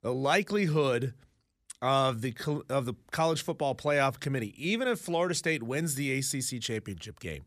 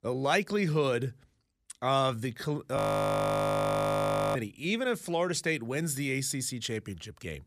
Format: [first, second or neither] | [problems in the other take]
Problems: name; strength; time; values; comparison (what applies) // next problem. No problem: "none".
first | audio freezing; at 3 s for 1.5 s